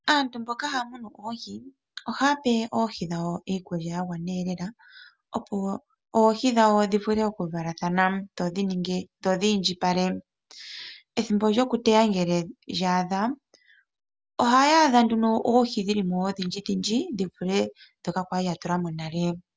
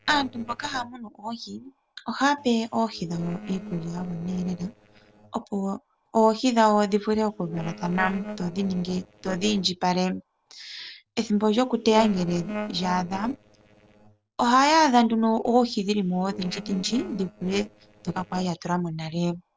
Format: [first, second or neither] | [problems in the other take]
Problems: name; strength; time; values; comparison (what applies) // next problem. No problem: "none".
first | noise reduction (neural separator model SepFormer DNS4)